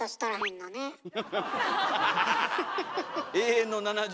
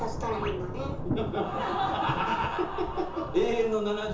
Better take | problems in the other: first | background sound (Thunder / Rain); 6 dB below the speech // room echo; dies away in 0.6 s

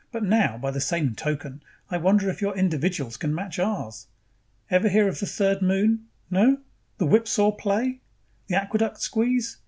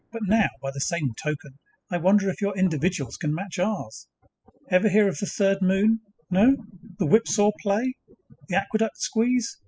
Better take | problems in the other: first | noise reduction (classical method spectral subtraction)

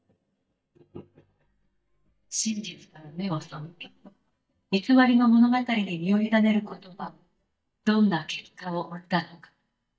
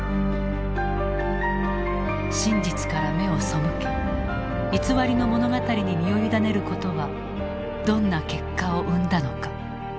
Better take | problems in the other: second | noise reduction (neural mask model DeepFilterNet 3)

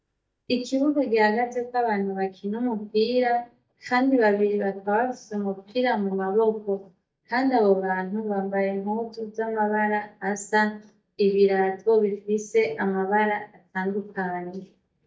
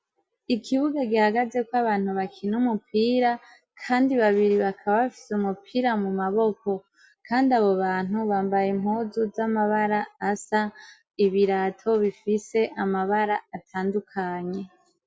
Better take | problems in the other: second | noise reduction (neural mask model DeepFilterNet 3)

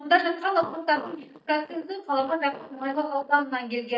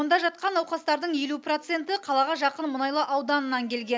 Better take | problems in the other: second | noise reduction (neural mask model DeepFilterNet 3)

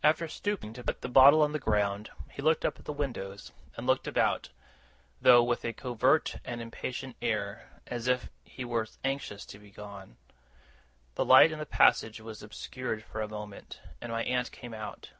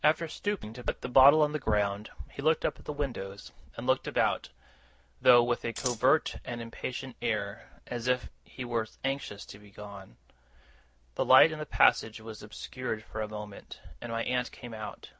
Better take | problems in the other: first | background sound (Scissors); 6 dB below the speech

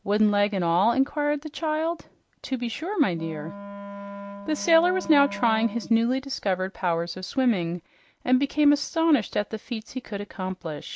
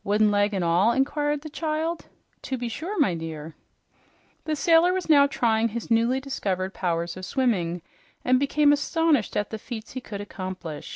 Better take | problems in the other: second | background sound (Wind instrument, woodwind instrument); 13 dB below the speech

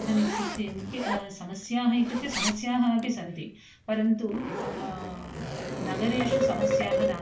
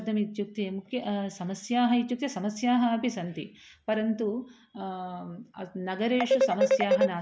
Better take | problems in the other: second | background sound (Zipper (clothing)); 8 dB below the speech // room echo; dies away in 0.3 s

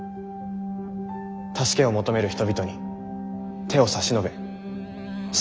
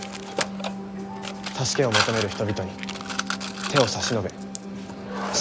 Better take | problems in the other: first | background sound (Mechanisms); 3 dB below the speech

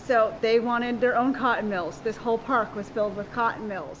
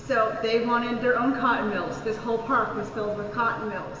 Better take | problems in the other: first | room echo; dies away in 2.6 s

